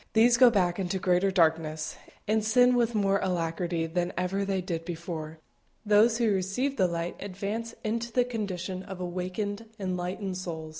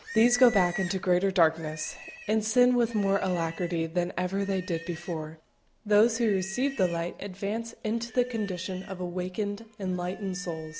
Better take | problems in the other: first | background sound (Livestock, farm animals, working animals); 17 dB below the speech

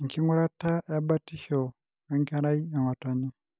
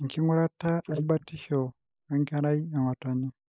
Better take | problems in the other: first | noise reduction (neural mask model Resemble Enhance denoiser)

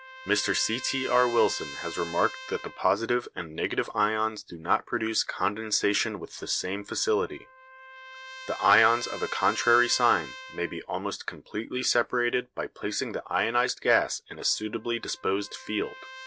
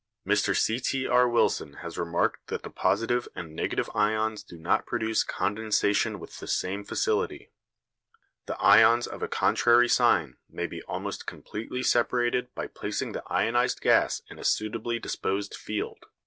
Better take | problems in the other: second | background sound (Trumpet); 17 dB below the speech

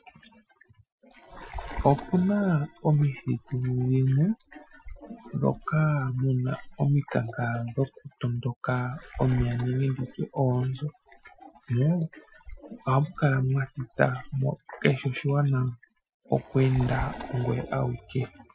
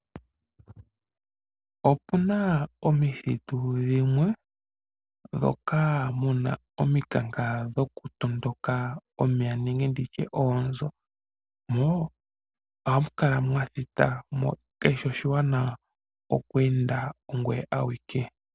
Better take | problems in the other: second | noise reduction (classical method Wiener filter)

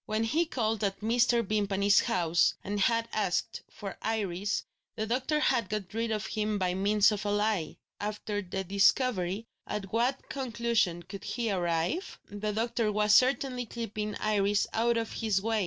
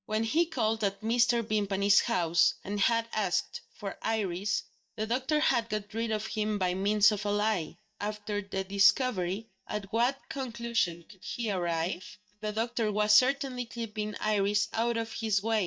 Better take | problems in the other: first | noise reduction (neural mask model DeepFilterNet 3)

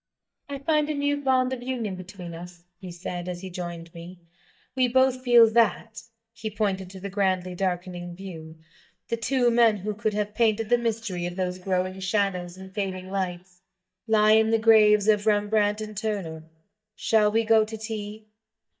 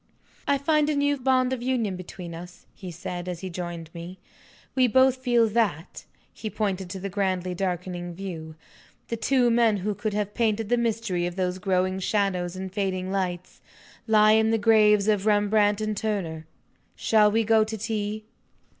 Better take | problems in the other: second | noise reduction (neural mask model DeepFilterNet 3)

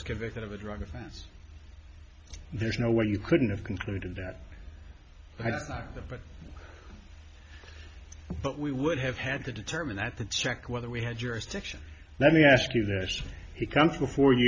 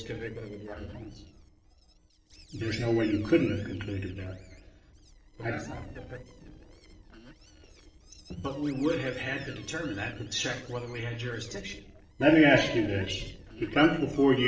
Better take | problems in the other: first | noise reduction (neural separator model SepFormer DNS4)

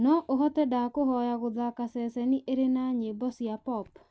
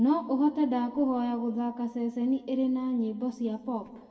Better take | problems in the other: first | room echo; dies away in 1.3 s

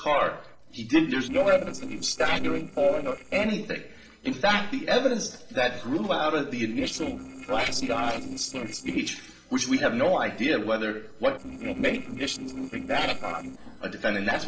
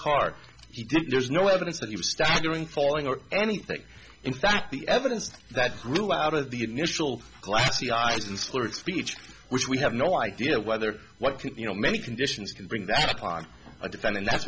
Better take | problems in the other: second | noise reduction (neural separator model SepFormer DNS4)

